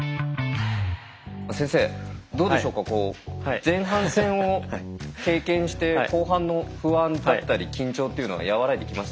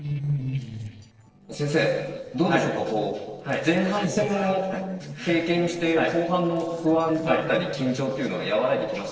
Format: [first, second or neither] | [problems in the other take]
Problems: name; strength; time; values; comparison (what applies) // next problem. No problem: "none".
first | noise reduction (neural separator model SepFormer DNS4)